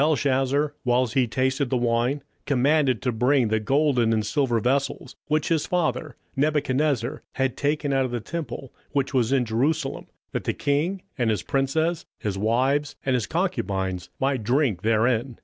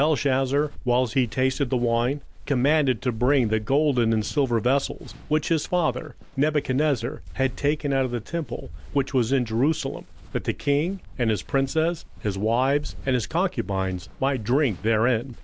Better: first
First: none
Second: background sound (Walk, footsteps); 14 dB below the speech

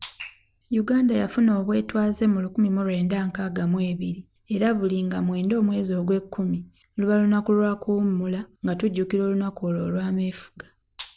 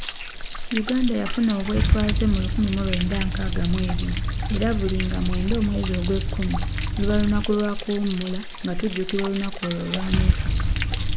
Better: first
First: none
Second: background sound (Stream / Trickle, dribble / Splash, splatter + Engine starting / Car); 1 dB above the speech

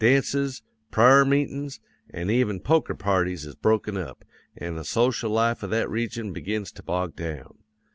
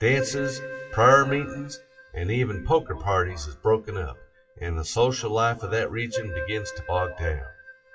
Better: first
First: none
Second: noise reduction (classical method WPE with log-MMSE)

